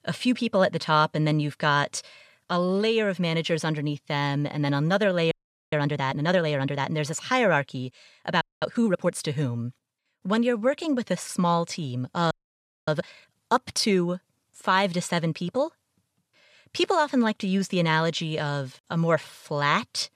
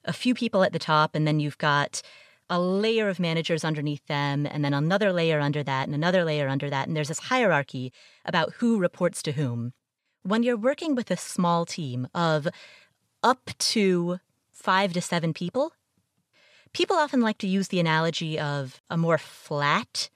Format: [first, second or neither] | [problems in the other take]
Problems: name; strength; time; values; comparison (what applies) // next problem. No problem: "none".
second | audio freezing; at 5.5 s, at 8.5 s and at 12 s for 0.5 s